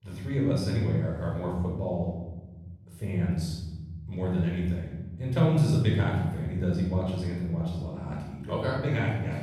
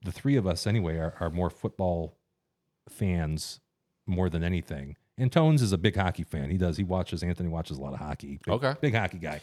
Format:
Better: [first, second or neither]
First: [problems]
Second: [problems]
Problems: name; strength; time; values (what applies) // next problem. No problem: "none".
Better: second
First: off-mic speech; far // room echo; noticeable; dies away in 1.8 s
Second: none